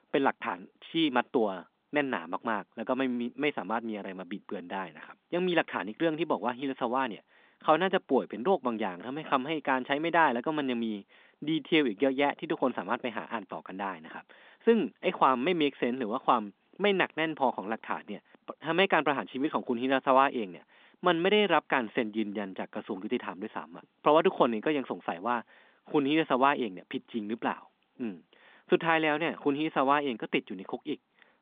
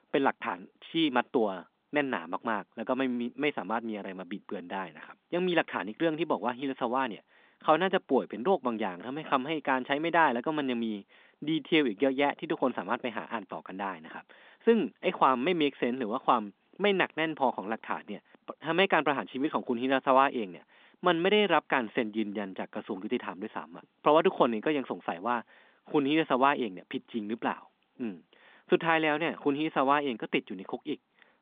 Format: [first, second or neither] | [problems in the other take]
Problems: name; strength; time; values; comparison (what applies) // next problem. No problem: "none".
neither | phone-call audio; the same in both